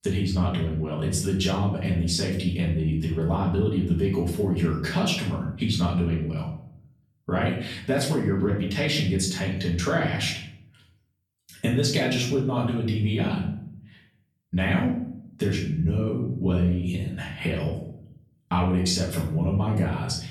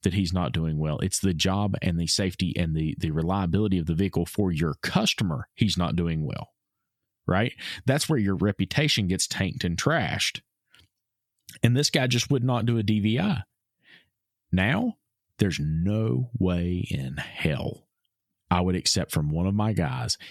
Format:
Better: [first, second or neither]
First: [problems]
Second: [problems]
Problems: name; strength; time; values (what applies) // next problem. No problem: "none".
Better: second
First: off-mic speech; far // room echo; noticeable; dies away in 0.6 s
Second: none